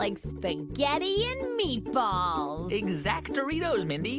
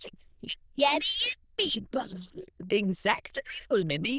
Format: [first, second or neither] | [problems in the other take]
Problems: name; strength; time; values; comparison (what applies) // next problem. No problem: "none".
first | noise reduction (neural diffusion model UNIVERSE++)